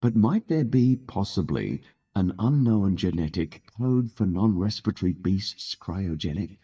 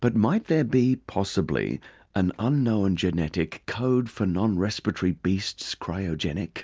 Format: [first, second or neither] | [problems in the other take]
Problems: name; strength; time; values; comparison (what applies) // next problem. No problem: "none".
second | noise reduction (neural mask model DeepFilterNet 3)